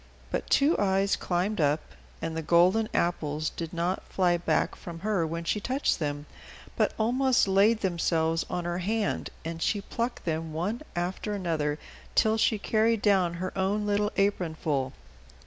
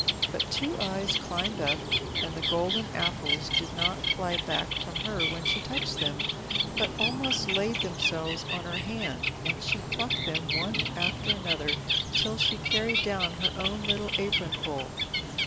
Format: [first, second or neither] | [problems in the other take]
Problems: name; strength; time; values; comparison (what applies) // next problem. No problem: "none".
first | background sound (Bird); 4 dB above the speech